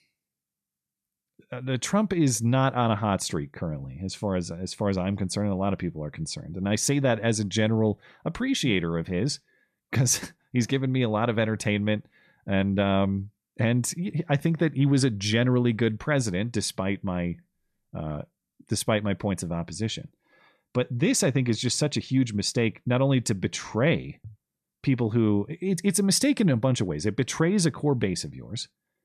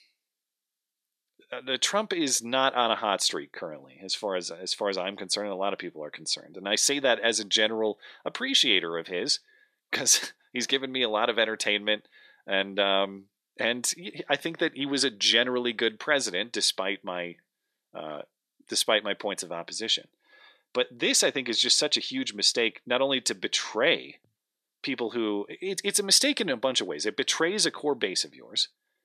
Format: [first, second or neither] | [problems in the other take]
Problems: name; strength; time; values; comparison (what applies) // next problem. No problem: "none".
first | thin; somewhat; fading below 350 Hz